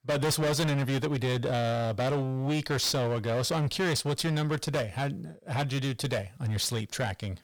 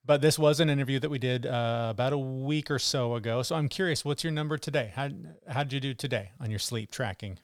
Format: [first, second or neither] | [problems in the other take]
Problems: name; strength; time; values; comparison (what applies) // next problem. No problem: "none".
second | distortion; heavy; 21% of the sound clipped